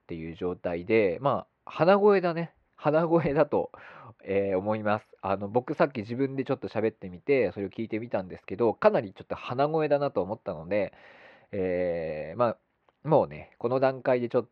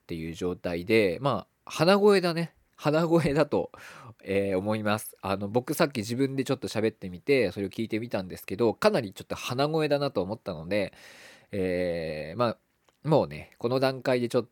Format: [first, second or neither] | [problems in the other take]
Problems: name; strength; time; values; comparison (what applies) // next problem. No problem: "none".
second | muffled; very; fading above 3 kHz